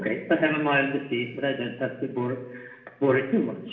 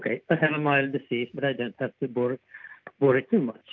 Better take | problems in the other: second | room echo; dies away in 1.2 s

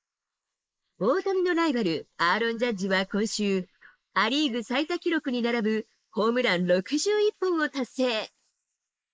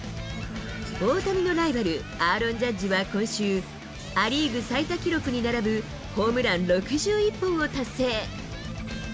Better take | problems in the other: second | noise reduction (neural mask model Resemble Enhance denoiser)

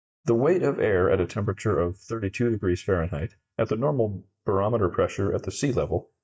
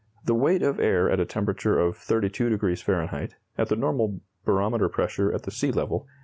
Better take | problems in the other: second | noise reduction (neural mask model DeepFilterNet 3)

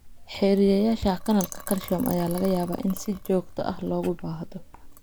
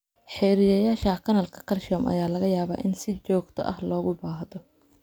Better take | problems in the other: second | background sound (Liquid); 13 dB below the speech

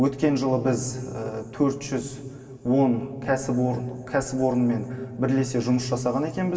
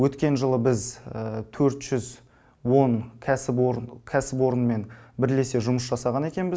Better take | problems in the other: second | room echo; dies away in 2.5 s

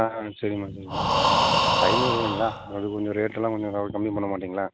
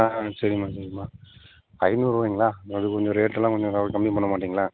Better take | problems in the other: second | background sound (Breathing); 3 dB above the speech

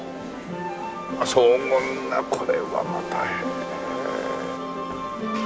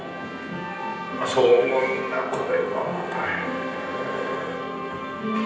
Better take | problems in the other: first | background sound (Trumpet); 14 dB below the speech // room echo; dies away in 0.9 s

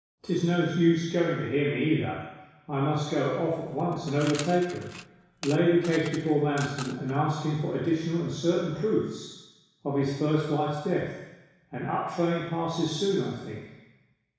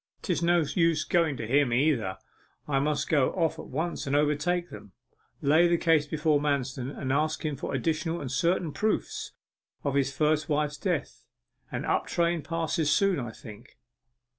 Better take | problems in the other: second | background sound (Coin (dropping) / Mechanisms); 16 dB below the speech // room echo; dies away in 1.1 s

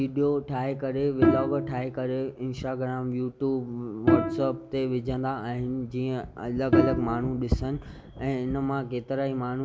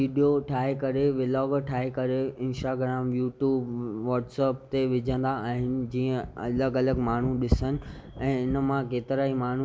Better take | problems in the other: second | background sound (Bowed string instrument); 1 dB below the speech

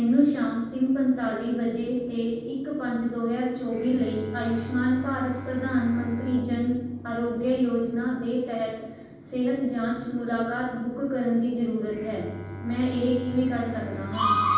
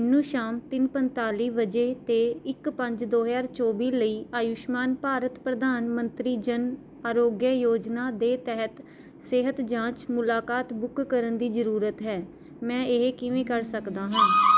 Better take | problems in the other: second | background sound (Bowed string instrument); 15 dB below the speech // room echo; dies away in 1.2 s

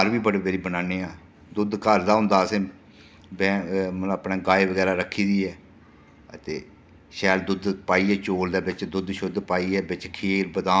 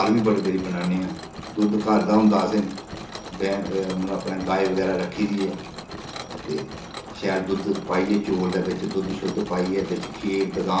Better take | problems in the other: first | background sound (Mechanisms); 13 dB below the speech // room echo; dies away in 0.7 s

